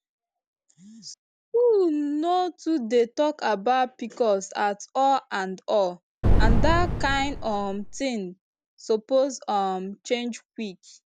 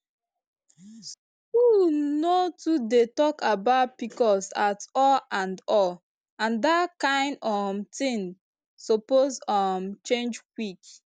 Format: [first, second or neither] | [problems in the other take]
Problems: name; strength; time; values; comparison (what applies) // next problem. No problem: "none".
second | background sound (Boom); 5 dB above the speech